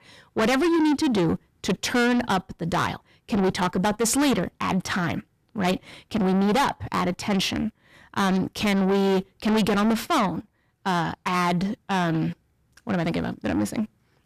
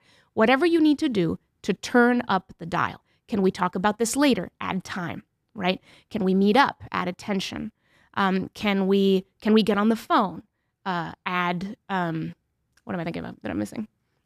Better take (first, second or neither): second